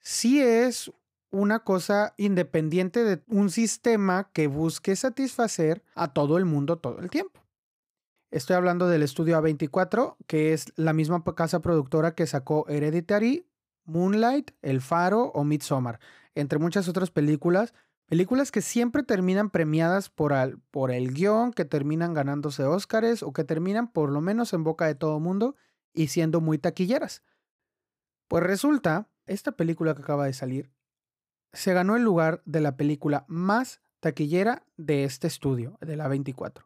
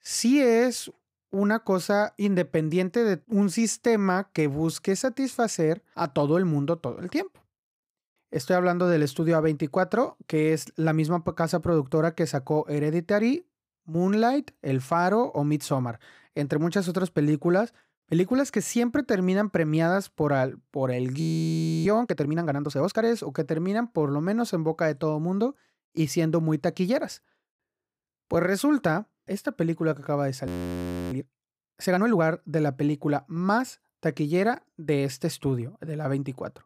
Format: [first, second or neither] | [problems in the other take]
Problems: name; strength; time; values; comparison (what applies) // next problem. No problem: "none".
first | audio freezing; at 21 s for 0.5 s and at 30 s for 0.5 s